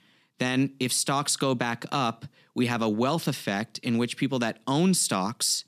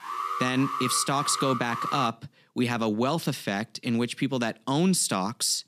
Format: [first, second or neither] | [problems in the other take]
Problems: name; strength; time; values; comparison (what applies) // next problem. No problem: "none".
first | alarm; noticeable; until 2 s; peak 3 dB below the speech